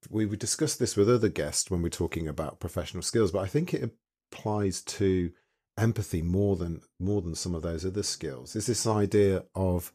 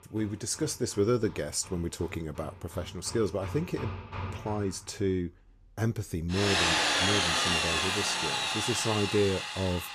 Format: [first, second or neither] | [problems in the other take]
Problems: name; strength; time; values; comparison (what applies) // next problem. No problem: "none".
first | machinery noise; very loud; throughout; 4 dB above the speech